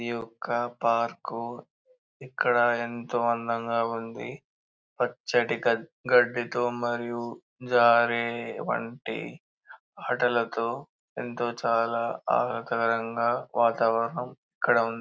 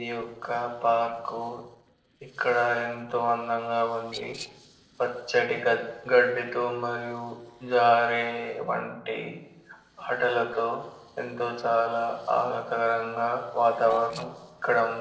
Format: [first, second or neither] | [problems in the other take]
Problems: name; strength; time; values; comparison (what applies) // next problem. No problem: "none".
first | noise reduction (neural separator model SepFormer DNS4)